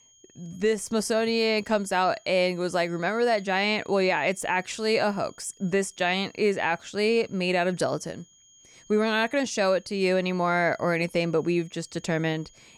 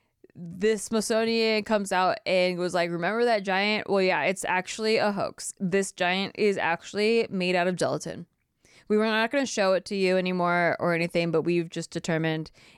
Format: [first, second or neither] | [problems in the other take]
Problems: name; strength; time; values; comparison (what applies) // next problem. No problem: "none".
second | high-pitched whine; faint; throughout; 6.5 kHz, 30 dB below the speech